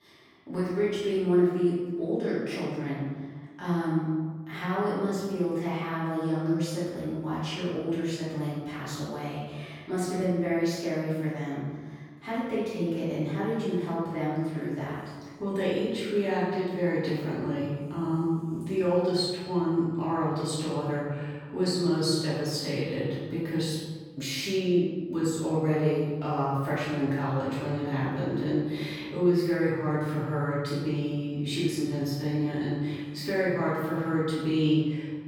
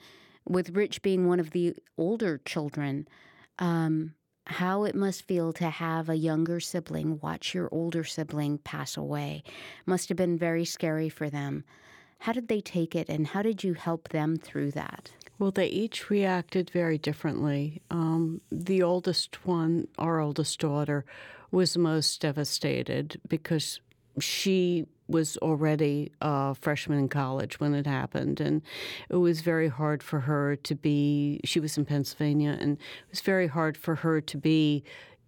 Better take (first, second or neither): second